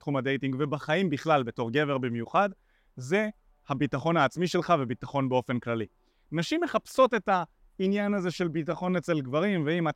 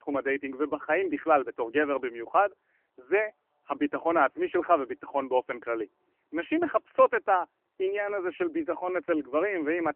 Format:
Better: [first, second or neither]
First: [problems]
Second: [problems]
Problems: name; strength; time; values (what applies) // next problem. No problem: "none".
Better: first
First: none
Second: phone-call audio